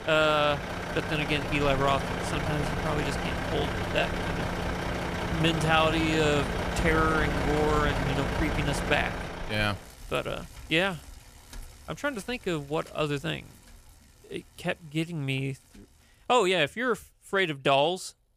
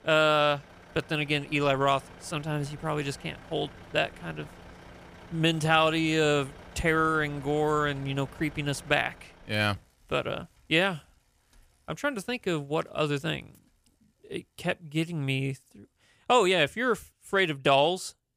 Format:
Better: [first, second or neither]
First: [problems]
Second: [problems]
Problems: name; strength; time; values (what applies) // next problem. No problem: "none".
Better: second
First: traffic noise; loud; throughout; 3 dB below the speech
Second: traffic noise; faint; throughout; 20 dB below the speech